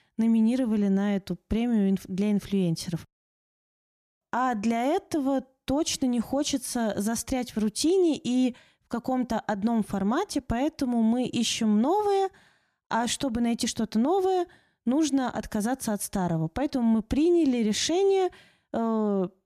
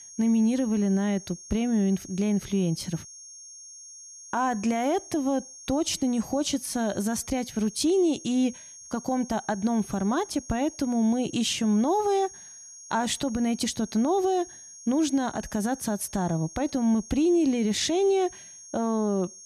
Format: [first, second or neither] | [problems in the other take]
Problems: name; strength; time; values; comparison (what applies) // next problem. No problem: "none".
first | high-pitched whine; noticeable; throughout; 6.5 kHz, 15 dB below the speech